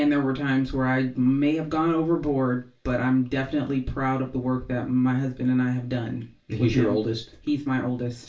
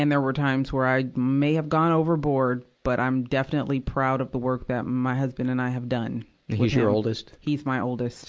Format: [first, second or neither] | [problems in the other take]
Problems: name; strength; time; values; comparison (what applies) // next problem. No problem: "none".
second | room echo; dies away in 0.3 s